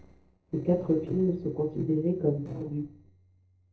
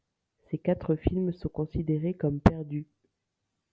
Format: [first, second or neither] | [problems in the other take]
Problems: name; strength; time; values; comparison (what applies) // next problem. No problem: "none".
second | noise reduction (neural separator model SepFormer DNS4)